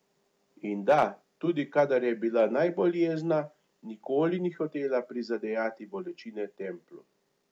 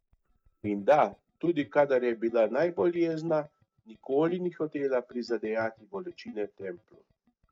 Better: first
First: none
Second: noise reduction (neural mask model DeepFilterNet 3)

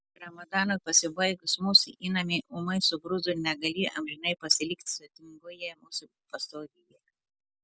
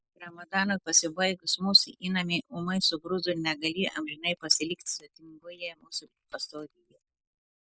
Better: first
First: none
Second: noise reduction (neural mask model Resemble Enhance denoiser)

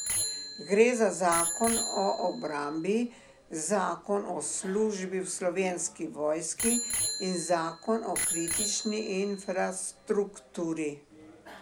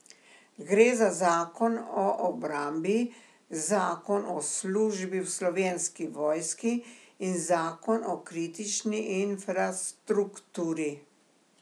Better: second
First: background sound (Bicycle bell); 7 dB below the speech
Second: none

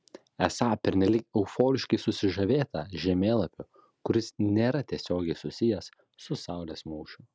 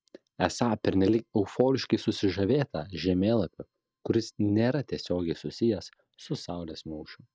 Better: first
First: none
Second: noise reduction (neural mask model DeepFilterNet 3)

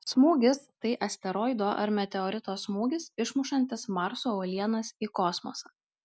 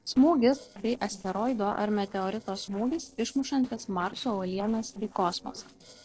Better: first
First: none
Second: noise reduction (neural separator model SepFormer DNS4)

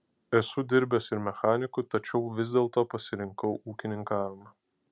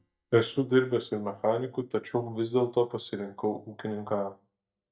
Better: first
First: none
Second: noise reduction (neural mask model DeepFilterNet 3)

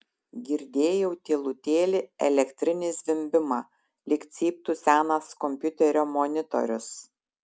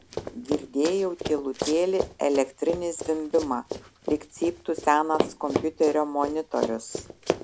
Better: first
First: none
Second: background sound (Run); 7 dB below the speech

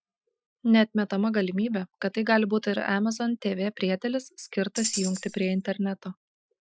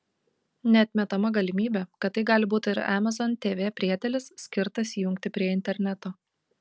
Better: second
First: noise reduction (classical method Wiener filter)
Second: none

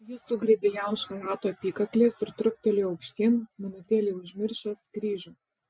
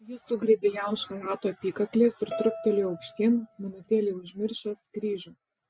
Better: first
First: none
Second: background sound (Bowed string instrument); 13 dB below the speech

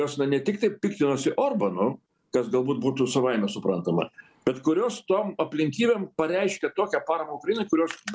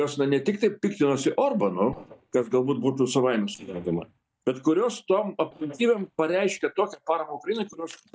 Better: first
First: none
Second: noise reduction (neural mask model DeepFilterNet 3)

